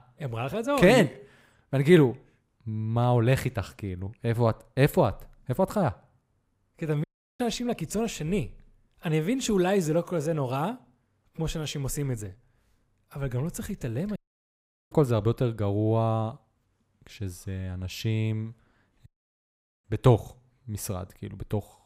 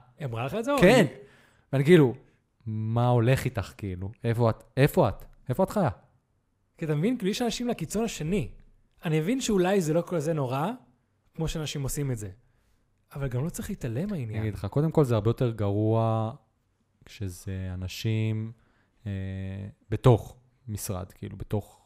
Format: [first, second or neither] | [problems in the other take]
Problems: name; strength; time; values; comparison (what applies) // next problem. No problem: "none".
second | audio cutting out; at 7 s, at 14 s for 1 s and at 19 s for 1 s